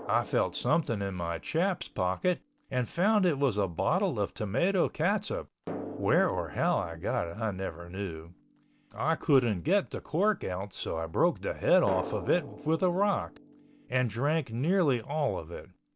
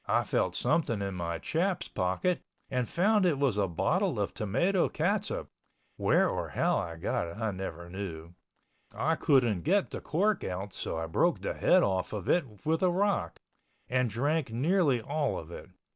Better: second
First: background sound (Drum); 17 dB below the speech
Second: none

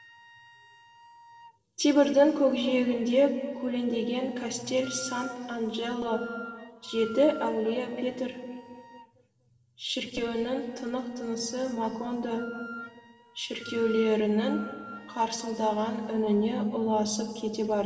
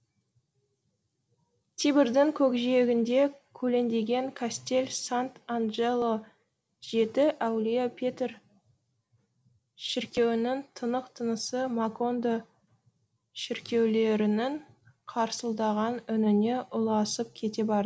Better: second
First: background sound (Wind instrument, woodwind instrument); 20 dB below the speech // room echo; dies away in 2 s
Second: none

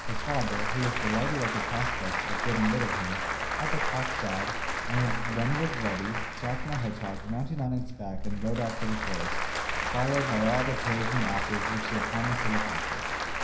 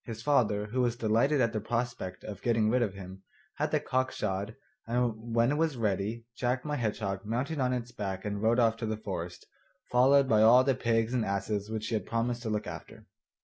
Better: second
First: background sound (Applause / Crowd); 1 dB above the speech // room echo; dies away in 0.9 s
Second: none

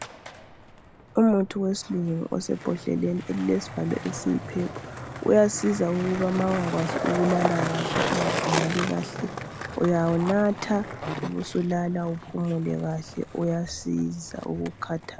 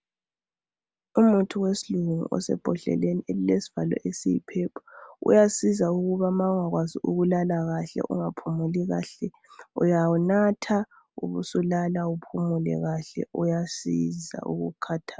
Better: second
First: background sound (Skateboard); 7 dB below the speech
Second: none

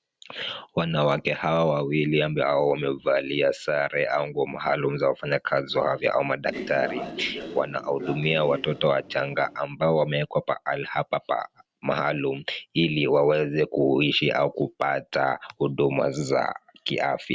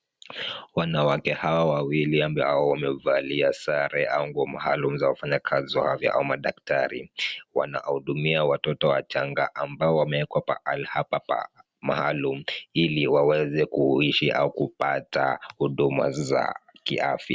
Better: second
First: background sound (Train); 12 dB below the speech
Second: none

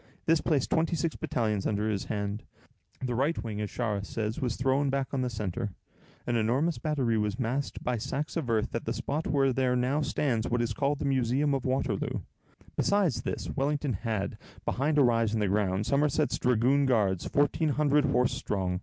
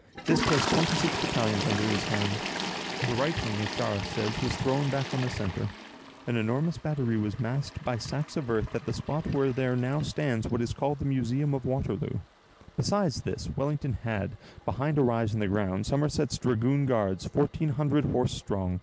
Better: first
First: none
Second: background sound (Toilet flush); 8 dB below the speech

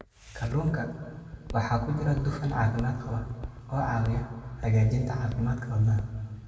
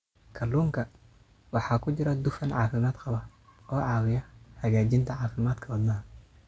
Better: second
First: background sound (Walk, footsteps); 16 dB below the speech // room echo; dies away in 2 s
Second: none

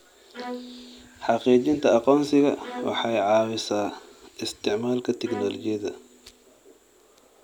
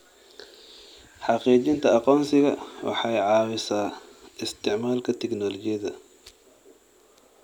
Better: second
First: background sound (Bowed string instrument); 17 dB below the speech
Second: none

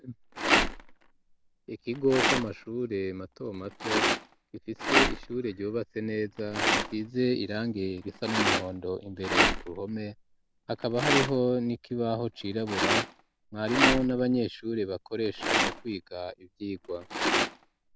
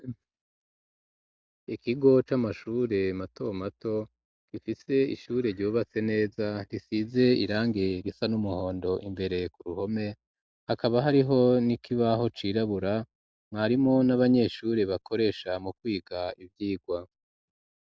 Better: second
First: background sound (Rattle); as loud as the speech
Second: none

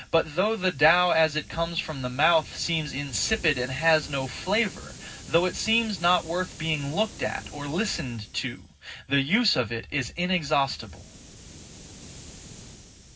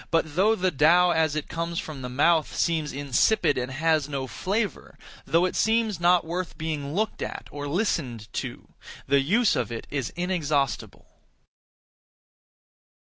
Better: second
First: background sound (Hiss); 18 dB below the speech // room echo; dies away in 0.4 s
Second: none

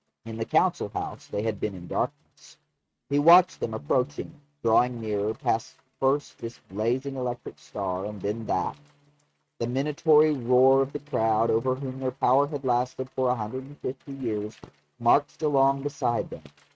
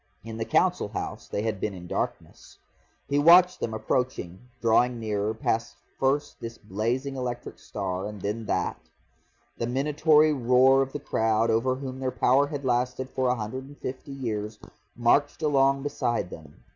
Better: second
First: noise reduction (neural mask model RNNoise)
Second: none

